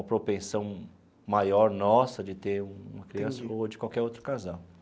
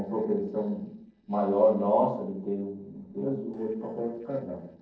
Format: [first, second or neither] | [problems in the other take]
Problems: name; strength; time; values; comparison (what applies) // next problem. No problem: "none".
first | noise reduction (neural separator model SepFormer DNS4)